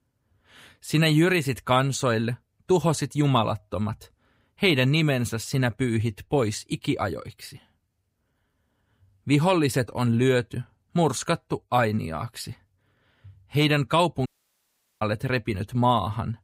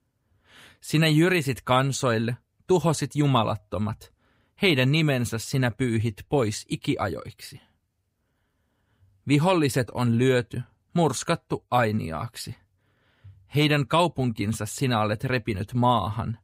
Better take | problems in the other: second | audio cutting out; at 14 s for 1 s

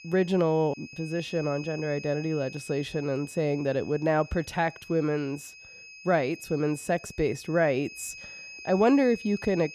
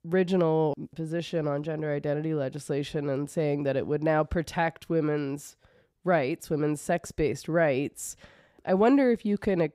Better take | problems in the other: second | high-pitched whine; noticeable; throughout; 2.5 kHz, 15 dB below the speech

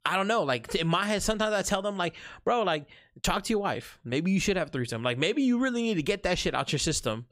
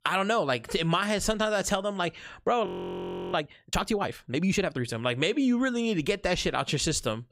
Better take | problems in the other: first | audio freezing; at 2.5 s for 0.5 s

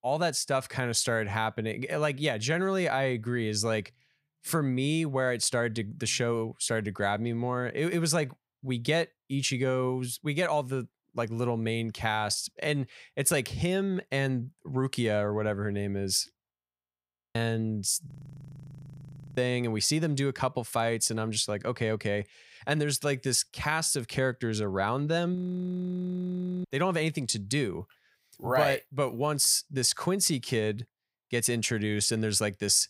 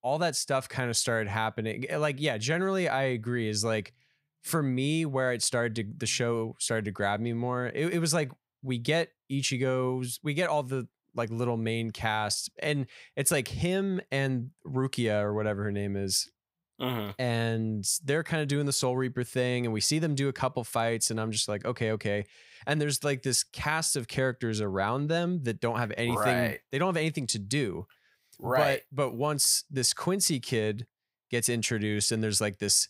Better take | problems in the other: second | audio freezing; at 17 s for 1 s, at 18 s for 1.5 s and at 25 s for 1.5 s

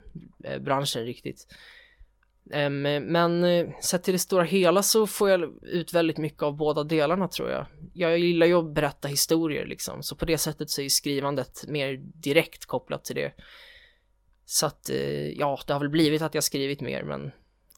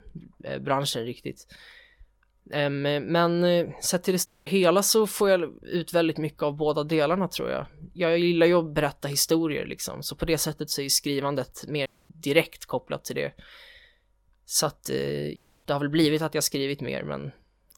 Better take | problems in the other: first | audio cutting out; at 4.5 s, at 12 s and at 15 s

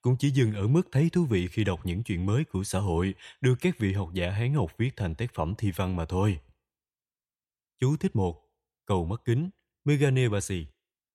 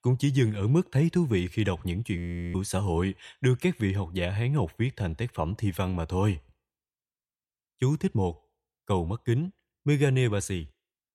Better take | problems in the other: first | audio freezing; at 2 s

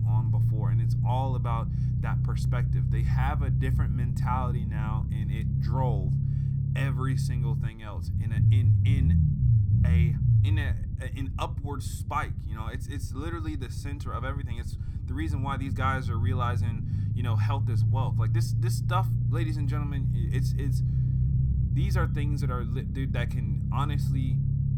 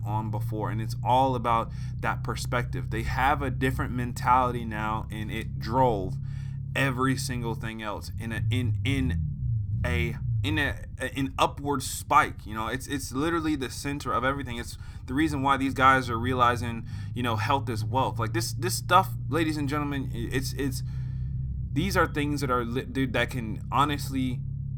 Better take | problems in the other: second | low rumble; loud; throughout; 3 dB below the speech; faint in the second

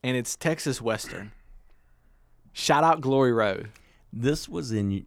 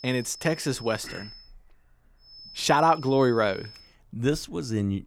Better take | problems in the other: first | high-pitched whine; noticeable; until 1.5 s and from 2.5 to 4 s; 5 kHz, 20 dB below the speech

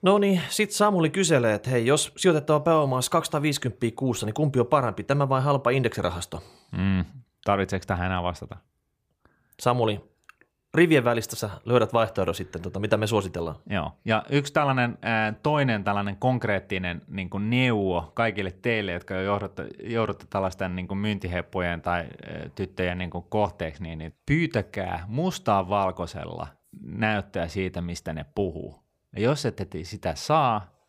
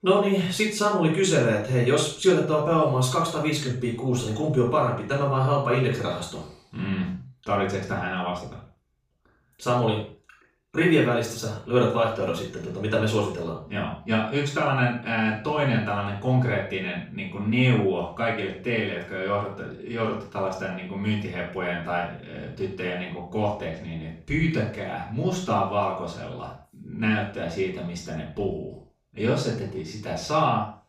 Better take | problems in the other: first | room echo; noticeable; dies away in 0.4 s // off-mic speech; far

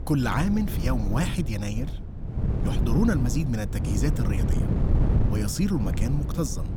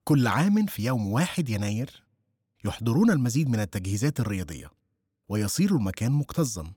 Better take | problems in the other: second | wind noise on the microphone; heavy; 6 dB below the speech

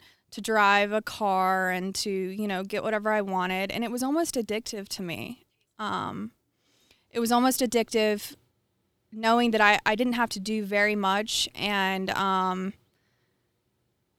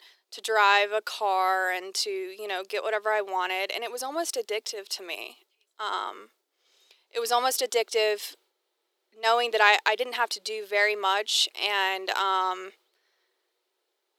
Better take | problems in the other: first | thin; very; fading below 400 Hz

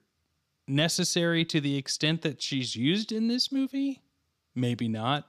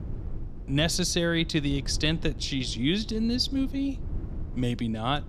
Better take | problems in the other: first | wind noise on the microphone; occasional gusts; 20 dB below the speech

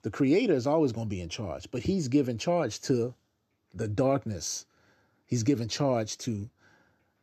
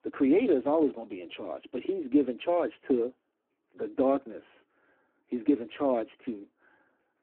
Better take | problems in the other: first | phone-call audio; poor line

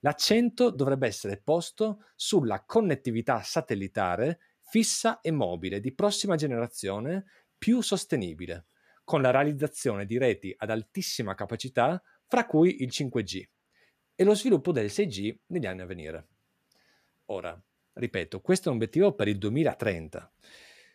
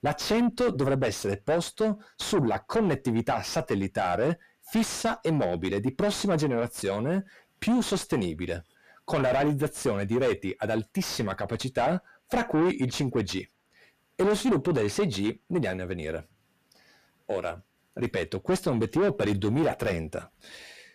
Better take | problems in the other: first | distortion; heavy; 6 dB below the speech

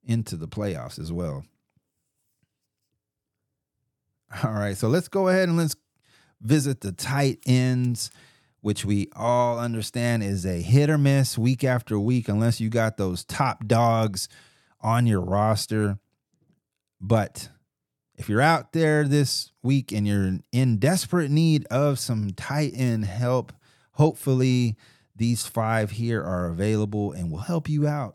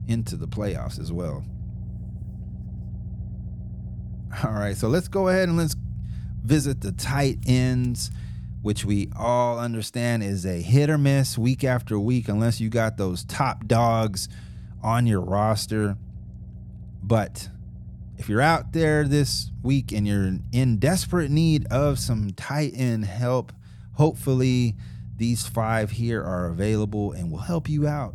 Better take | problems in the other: first | low rumble; faint; throughout; 20 dB below the speech

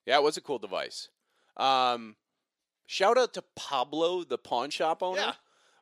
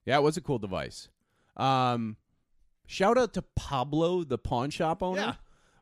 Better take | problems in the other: second | thin; somewhat; fading below 500 Hz

